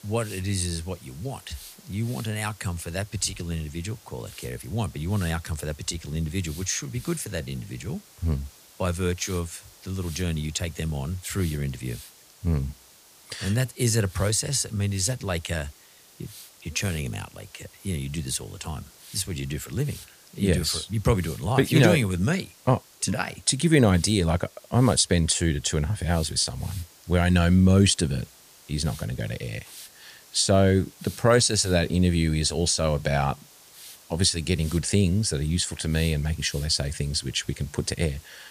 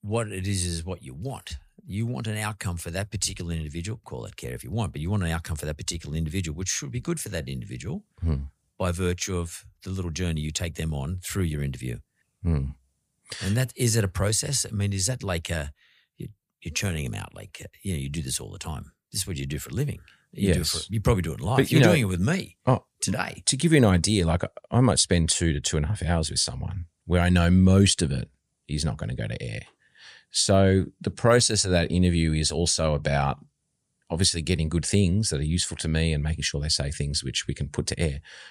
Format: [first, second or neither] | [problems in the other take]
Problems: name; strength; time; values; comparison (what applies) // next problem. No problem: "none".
second | hiss; faint; throughout; 20 dB below the speech